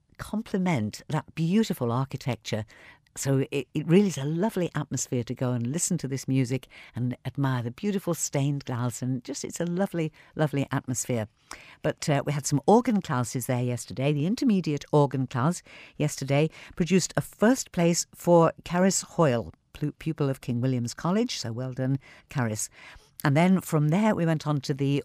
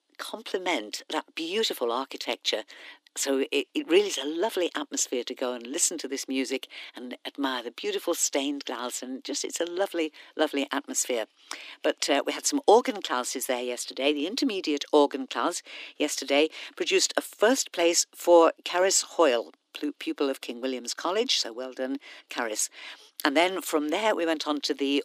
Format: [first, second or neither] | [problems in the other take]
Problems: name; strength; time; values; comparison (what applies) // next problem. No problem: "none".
first | thin; somewhat; fading below 300 Hz